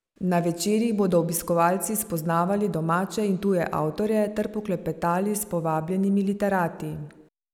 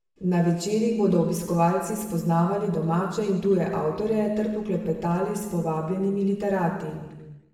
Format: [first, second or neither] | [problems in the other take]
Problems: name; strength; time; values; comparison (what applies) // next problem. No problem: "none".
first | room echo; dies away in 1 s